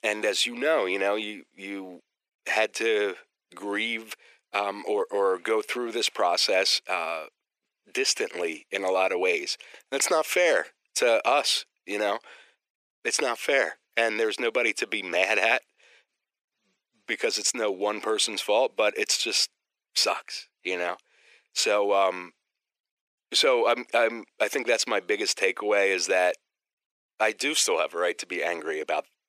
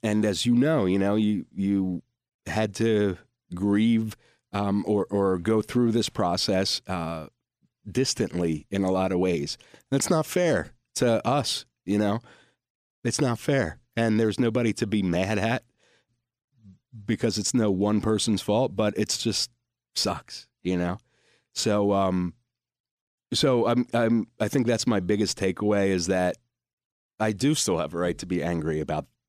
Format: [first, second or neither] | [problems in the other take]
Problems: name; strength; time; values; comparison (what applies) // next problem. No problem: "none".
second | thin; very; fading below 450 Hz